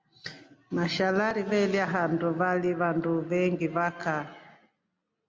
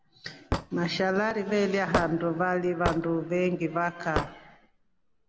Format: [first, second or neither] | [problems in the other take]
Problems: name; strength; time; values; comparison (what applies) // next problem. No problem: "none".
first | background sound (Hammer / Wood); 8 dB below the speech